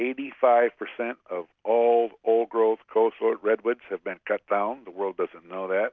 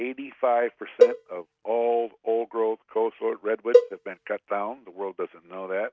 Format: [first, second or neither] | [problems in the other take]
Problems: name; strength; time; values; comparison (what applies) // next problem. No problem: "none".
first | noise reduction (neural mask model RNNoise)